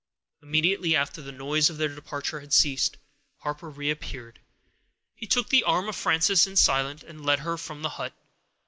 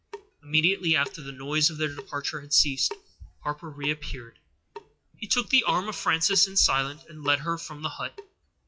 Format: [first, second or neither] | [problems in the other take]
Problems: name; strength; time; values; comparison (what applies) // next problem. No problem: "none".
first | noise reduction (classical method WPE with log-MMSE)